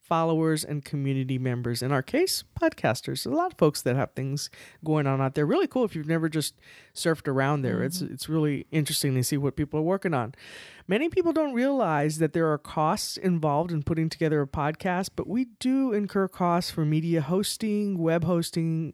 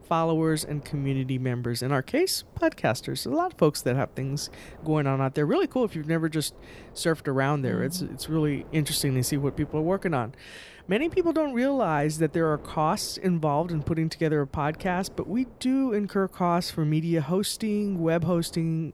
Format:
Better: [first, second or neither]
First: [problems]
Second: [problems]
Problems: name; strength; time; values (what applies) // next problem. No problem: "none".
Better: first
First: none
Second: wind noise on the microphone; occasional gusts; 25 dB below the speech